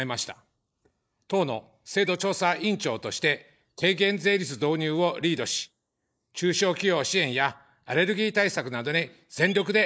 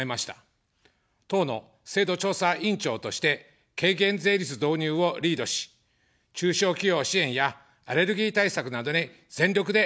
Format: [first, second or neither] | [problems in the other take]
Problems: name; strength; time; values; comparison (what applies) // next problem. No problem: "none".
second | noise reduction (neural mask model Resemble Enhance denoiser)